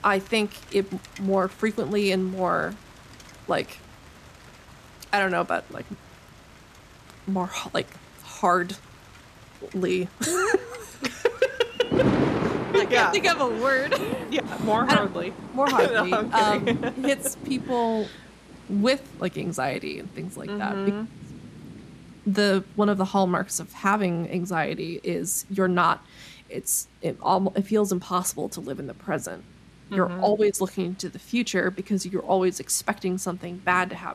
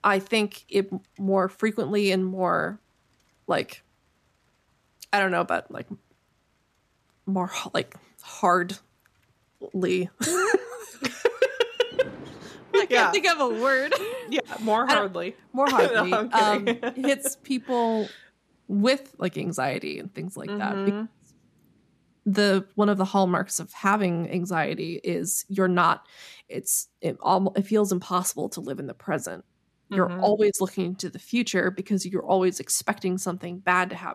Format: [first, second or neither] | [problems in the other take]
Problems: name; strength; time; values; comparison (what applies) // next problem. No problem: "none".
second | rain or running water; loud; throughout; 9 dB below the speech; faint in the second